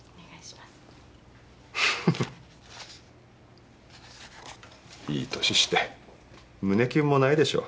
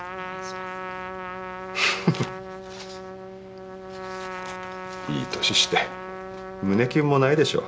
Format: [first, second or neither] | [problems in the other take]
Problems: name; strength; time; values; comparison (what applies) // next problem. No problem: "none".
first | background sound (Trumpet); 9 dB below the speech